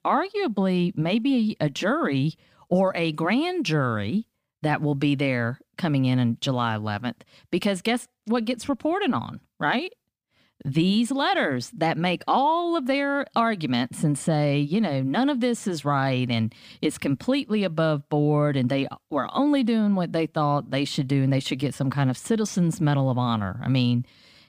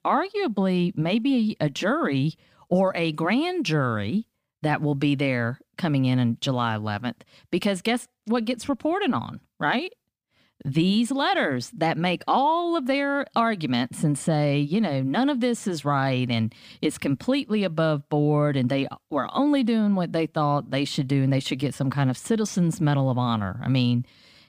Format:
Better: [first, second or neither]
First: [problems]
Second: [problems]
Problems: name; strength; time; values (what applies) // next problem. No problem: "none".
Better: neither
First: none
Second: none